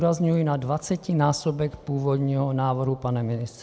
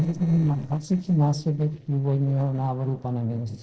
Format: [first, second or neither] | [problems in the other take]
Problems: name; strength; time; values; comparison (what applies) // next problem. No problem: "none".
first | noise reduction (neural separator model SepFormer DNS4)